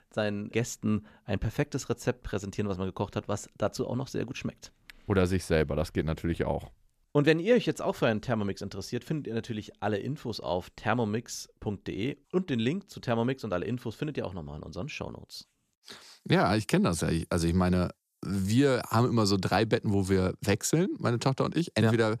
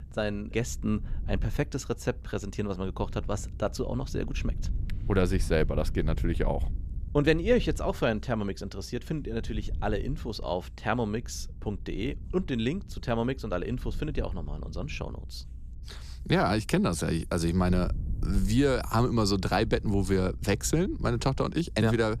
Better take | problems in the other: first | low rumble; faint; throughout; 25 dB below the speech

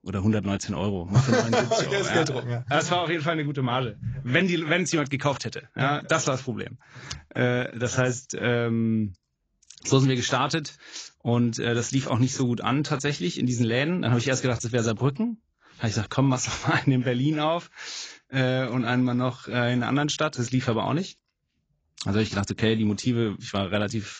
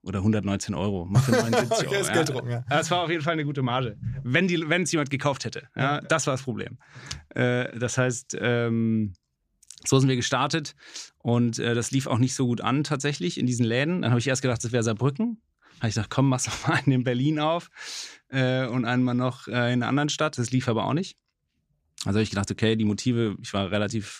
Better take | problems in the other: second | garbled, watery; badly; nothing above 7.5 kHz

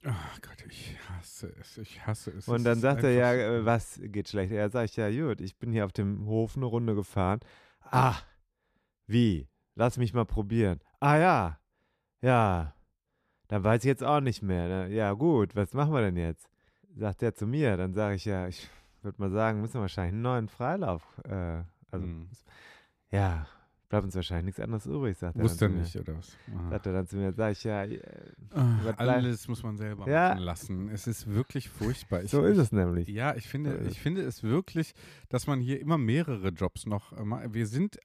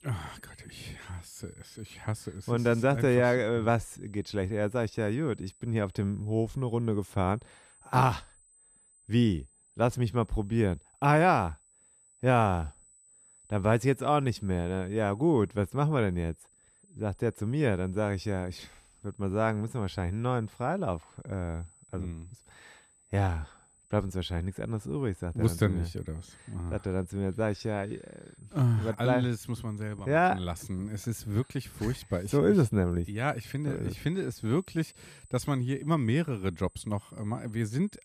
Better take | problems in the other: first | high-pitched whine; faint; throughout; 8 kHz, 30 dB below the speech

